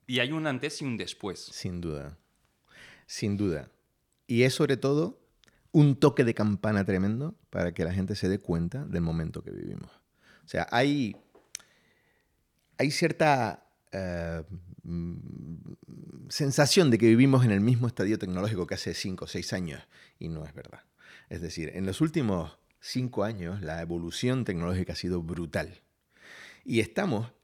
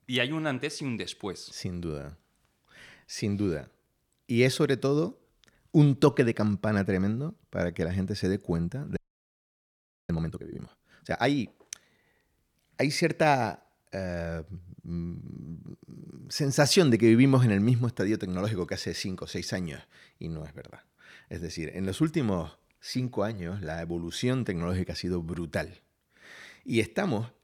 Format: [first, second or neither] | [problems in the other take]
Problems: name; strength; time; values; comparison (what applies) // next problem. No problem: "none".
first | audio freezing; at 9 s for 1 s